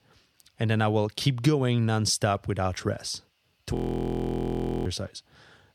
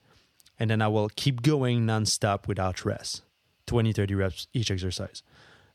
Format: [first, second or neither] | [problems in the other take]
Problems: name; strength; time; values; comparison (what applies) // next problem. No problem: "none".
second | audio freezing; at 4 s for 1 s